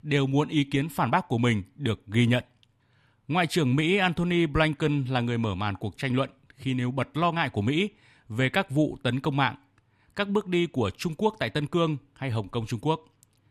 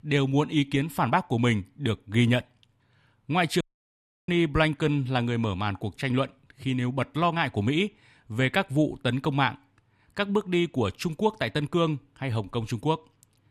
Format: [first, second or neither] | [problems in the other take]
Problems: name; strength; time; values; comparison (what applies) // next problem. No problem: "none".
first | audio cutting out; at 3.5 s for 0.5 s